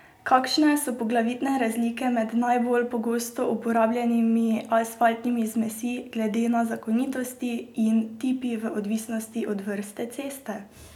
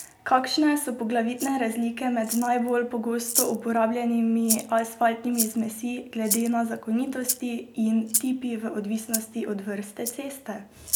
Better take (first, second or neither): first